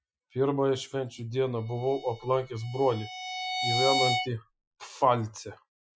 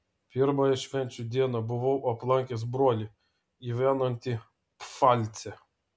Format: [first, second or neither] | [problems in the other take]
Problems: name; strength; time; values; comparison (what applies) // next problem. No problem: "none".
second | noise reduction (classical method Wiener filter)